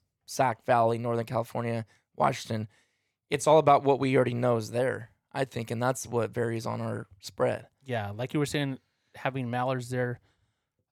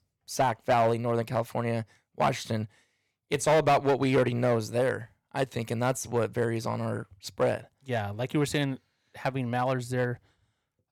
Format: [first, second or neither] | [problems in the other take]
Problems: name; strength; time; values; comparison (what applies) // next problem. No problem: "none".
first | distortion; slight; 3% of the sound clipped